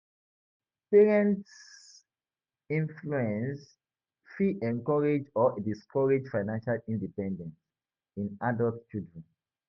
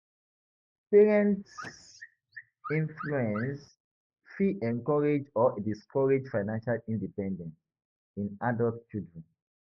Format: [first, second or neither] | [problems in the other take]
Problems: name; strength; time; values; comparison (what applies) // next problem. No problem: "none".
first | noise reduction (neural mask model Resemble Enhance denoiser)